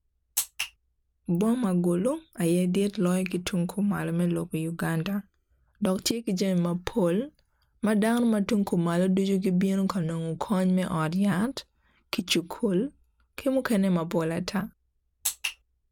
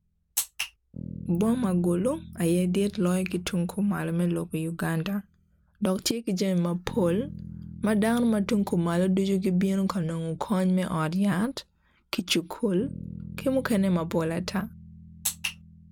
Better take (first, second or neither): first